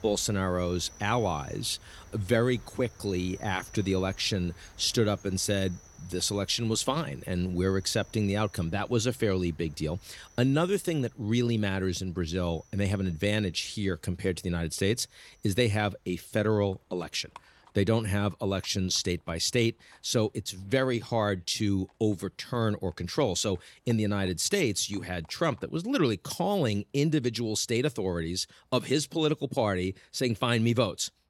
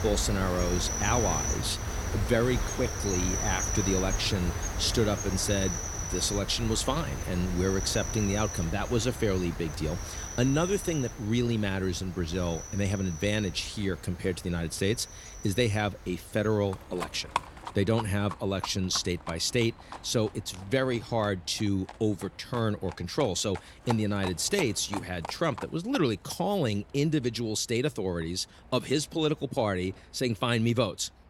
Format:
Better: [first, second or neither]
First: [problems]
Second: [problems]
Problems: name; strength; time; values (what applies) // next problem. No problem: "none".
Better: first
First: animal sounds; faint; throughout; 25 dB below the speech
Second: animal sounds; loud; throughout; 6 dB below the speech